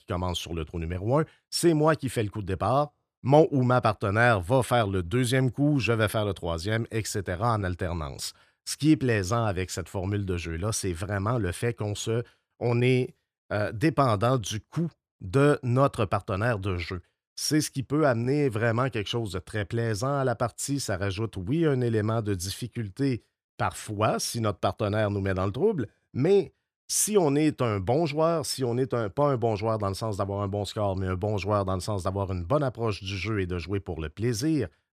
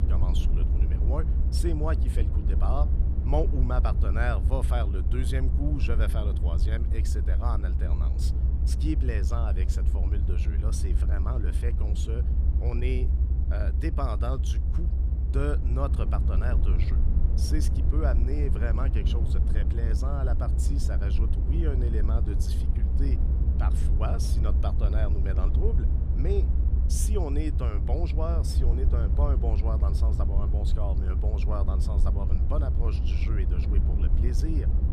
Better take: first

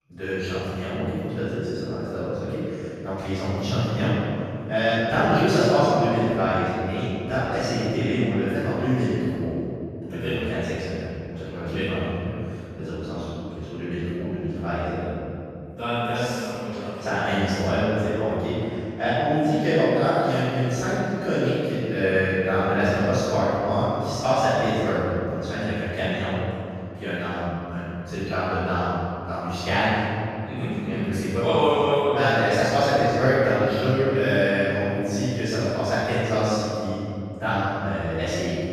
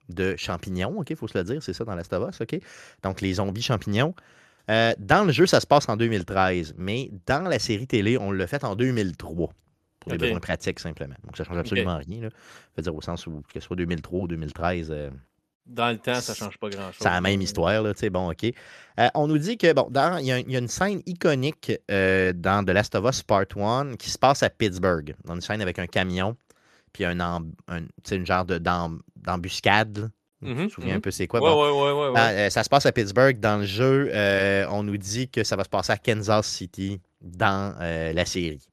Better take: second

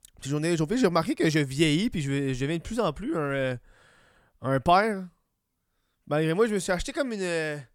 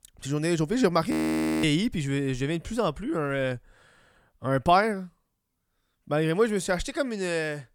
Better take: first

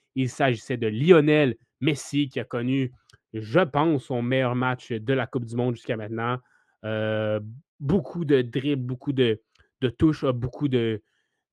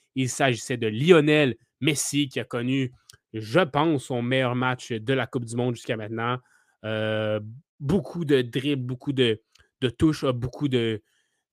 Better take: second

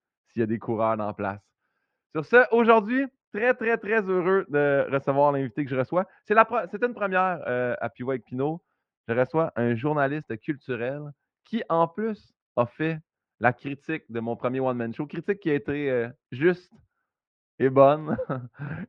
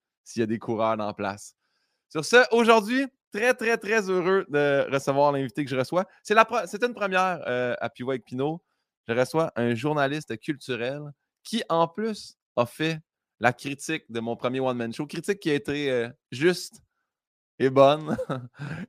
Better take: second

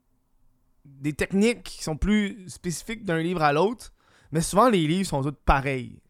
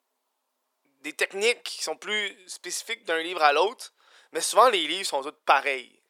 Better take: first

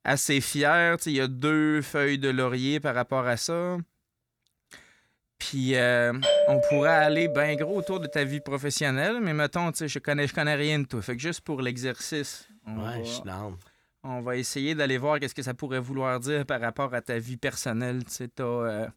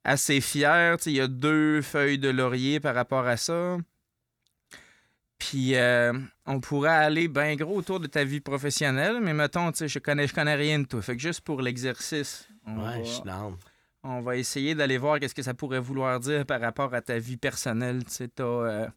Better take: second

